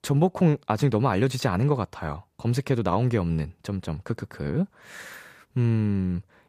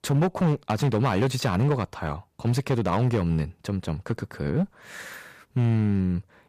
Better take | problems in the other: first | distortion; slight; 8% of the sound clipped

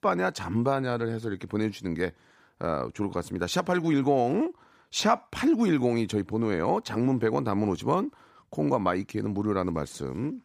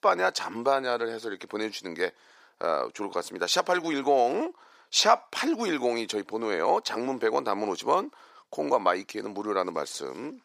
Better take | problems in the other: first | thin; somewhat; fading below 550 Hz

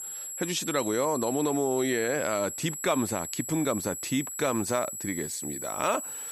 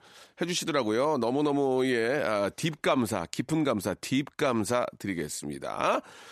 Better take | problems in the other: second | high-pitched whine; loud; throughout; 7.5 kHz, 5 dB below the speech

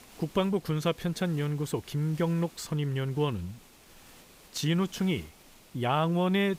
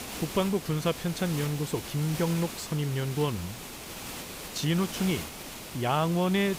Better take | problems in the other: first | hiss; loud; throughout; 9 dB below the speech; faint in the first

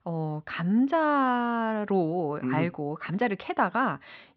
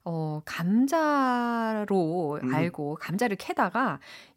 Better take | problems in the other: second | muffled; very; fading above 3.5 kHz

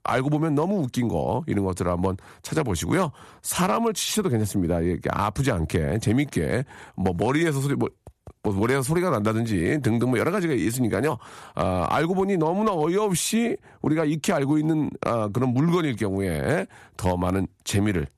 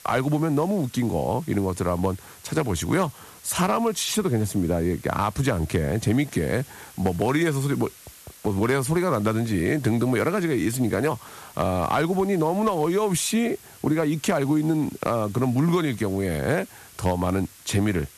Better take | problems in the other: first | hiss; faint; throughout; 20 dB below the speech

